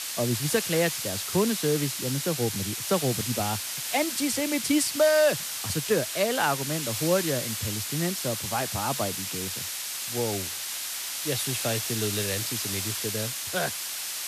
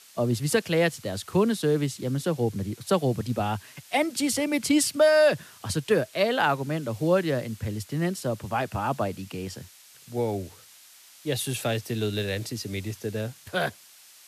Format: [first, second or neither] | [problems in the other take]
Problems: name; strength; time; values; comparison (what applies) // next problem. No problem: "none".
second | hiss; loud; throughout; 1 dB below the speech; faint in the second